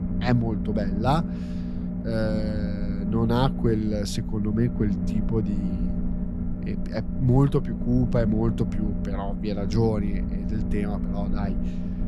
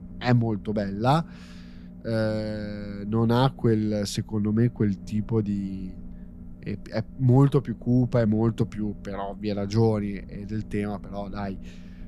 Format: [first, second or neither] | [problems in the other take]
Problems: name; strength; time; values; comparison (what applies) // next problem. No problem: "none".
second | low rumble; loud; throughout; 7 dB below the speech; faint in the second